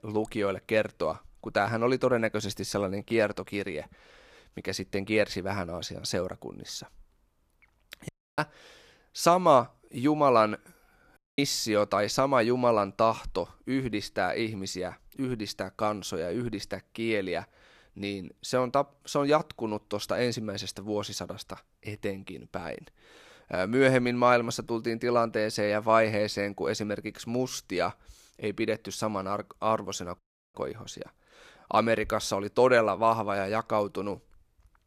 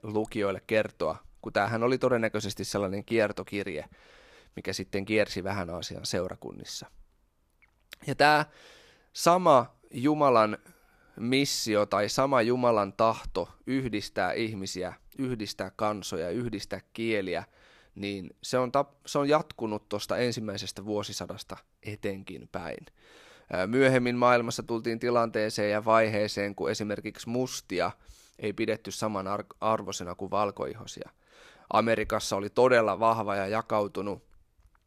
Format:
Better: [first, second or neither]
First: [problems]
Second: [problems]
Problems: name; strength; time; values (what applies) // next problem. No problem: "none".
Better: second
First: audio cutting out; at 8 s, at 11 s and at 30 s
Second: none